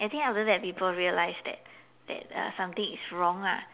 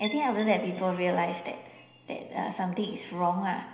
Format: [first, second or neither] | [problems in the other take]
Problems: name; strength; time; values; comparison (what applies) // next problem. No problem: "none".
first | background sound (Chime); 19 dB below the speech // room echo; dies away in 0.9 s